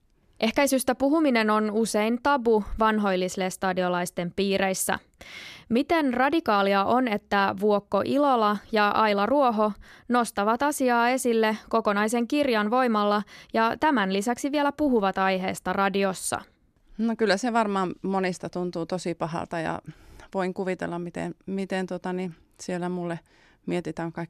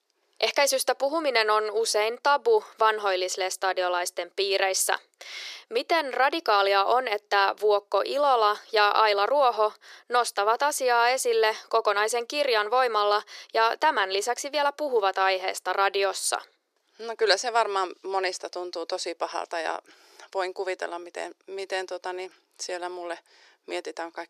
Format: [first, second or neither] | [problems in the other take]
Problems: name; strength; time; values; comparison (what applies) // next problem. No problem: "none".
first | thin; very; fading below 400 Hz